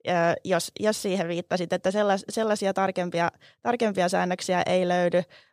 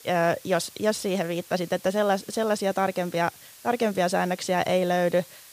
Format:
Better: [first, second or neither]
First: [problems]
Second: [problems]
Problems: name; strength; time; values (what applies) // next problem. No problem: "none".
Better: first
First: none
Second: hiss; faint; throughout; 20 dB below the speech